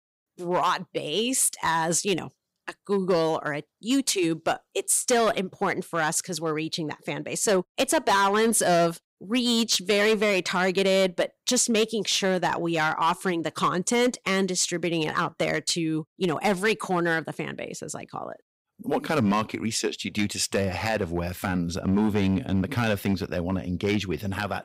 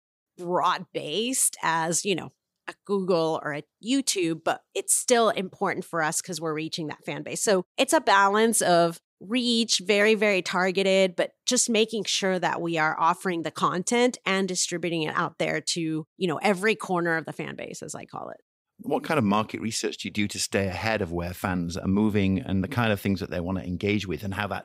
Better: second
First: distortion; slight; 5% of the sound clipped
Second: none

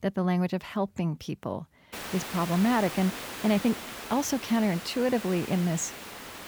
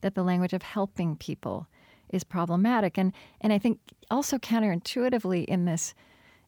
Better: second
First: hiss; loud; from 2 s on; 9 dB below the speech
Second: none

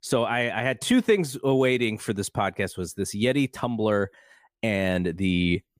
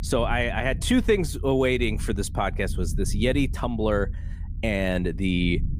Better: first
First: none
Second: low rumble; faint; throughout; 20 dB below the speech

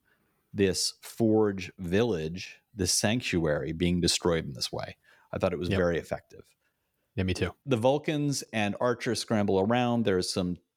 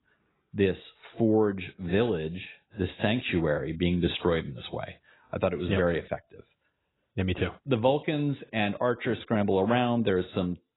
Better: first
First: none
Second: garbled, watery; badly; nothing above 4 kHz

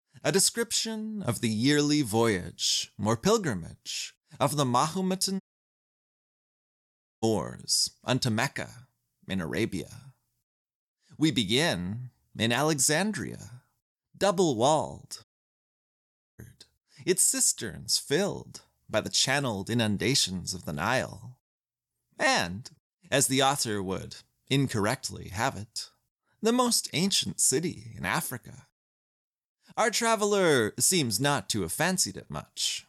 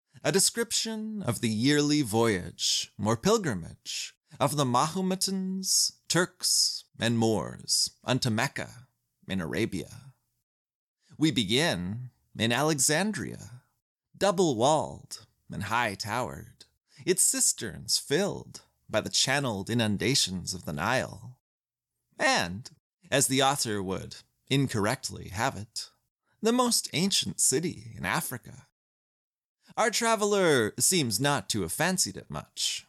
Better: second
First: audio cutting out; at 5.5 s for 2 s and at 15 s for 1 s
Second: none

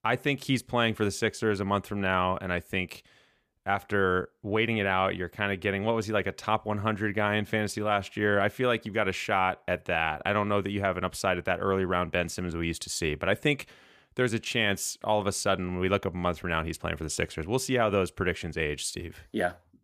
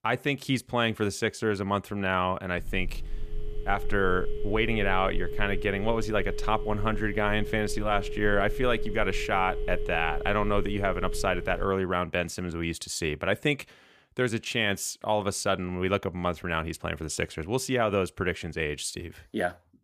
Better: first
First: none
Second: phone ringing; noticeable; from 2.5 to 12 s; peak 7 dB below the speech

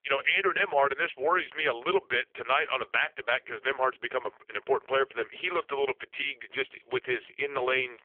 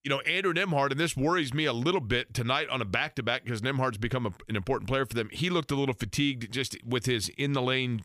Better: second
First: phone-call audio; poor line; nothing above 3.5 kHz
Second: none

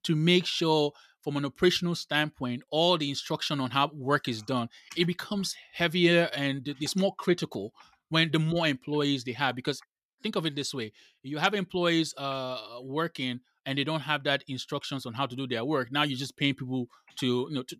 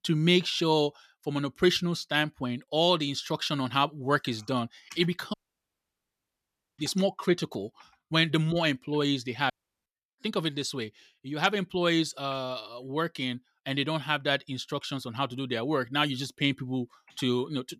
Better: first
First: none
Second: audio cutting out; at 5.5 s for 1.5 s and at 9.5 s

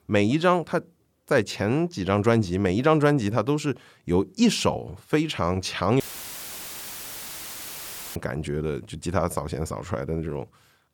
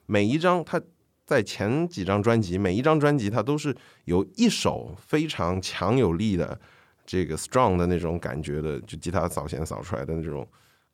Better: second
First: audio cutting out; filled with static; at 6 s for 2 s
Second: none

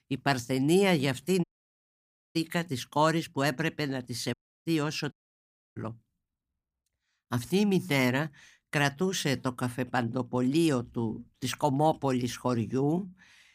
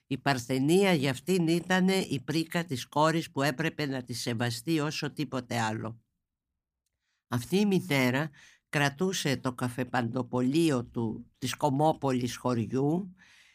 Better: second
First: audio cutting out; at 1.5 s for 1 s, at 4.5 s and at 5 s for 0.5 s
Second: none

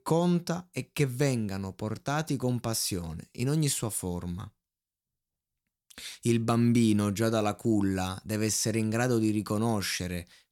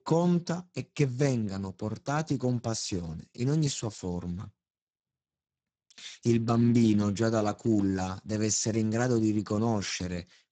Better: first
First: none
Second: garbled, watery; badly; nothing above 7.5 kHz

